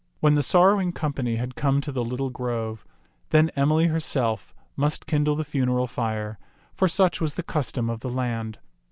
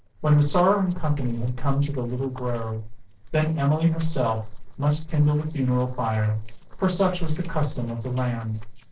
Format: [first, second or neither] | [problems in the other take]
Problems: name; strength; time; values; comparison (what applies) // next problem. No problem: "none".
first | noise reduction (neural separator model SepFormer DNS4)